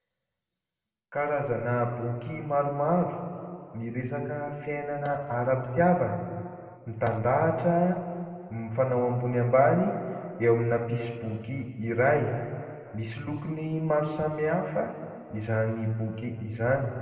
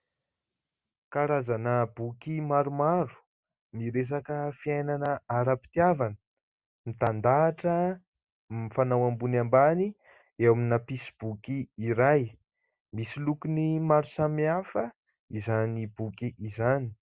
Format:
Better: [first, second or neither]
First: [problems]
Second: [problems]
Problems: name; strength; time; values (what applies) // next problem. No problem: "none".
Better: second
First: room echo; dies away in 2.2 s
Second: none